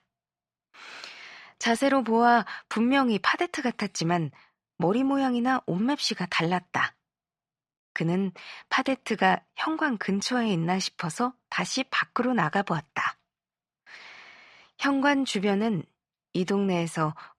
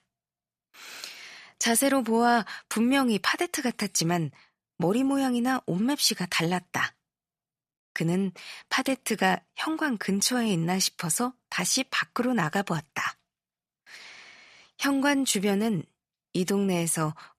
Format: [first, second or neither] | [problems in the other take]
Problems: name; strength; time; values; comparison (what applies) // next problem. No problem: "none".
second | muffled; slightly; fading above 4.5 kHz